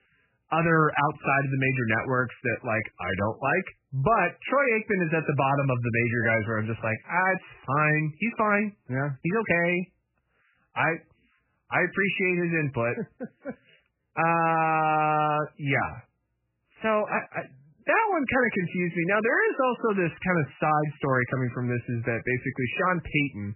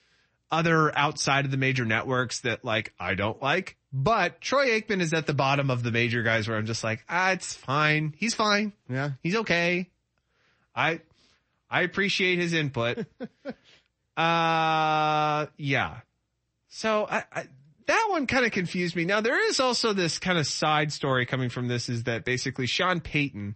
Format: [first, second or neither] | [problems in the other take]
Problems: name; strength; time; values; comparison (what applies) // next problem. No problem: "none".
second | garbled, watery; badly; nothing above 2.5 kHz; slightly in the second